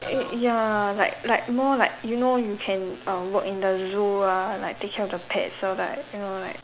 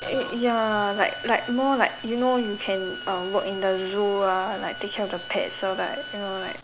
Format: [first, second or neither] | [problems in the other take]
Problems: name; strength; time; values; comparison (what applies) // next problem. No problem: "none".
first | background sound (Bowed string instrument); 13 dB below the speech